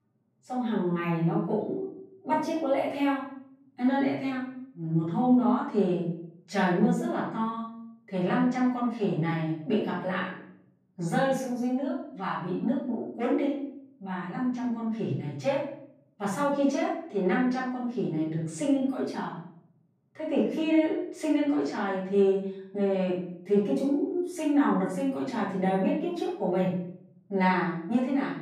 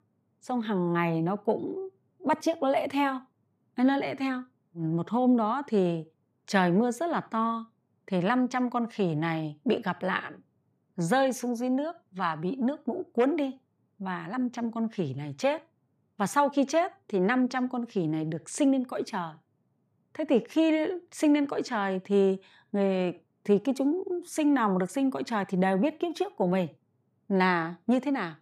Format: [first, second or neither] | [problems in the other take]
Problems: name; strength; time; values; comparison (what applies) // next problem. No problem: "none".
second | off-mic speech; far // room echo; noticeable; dies away in 0.6 s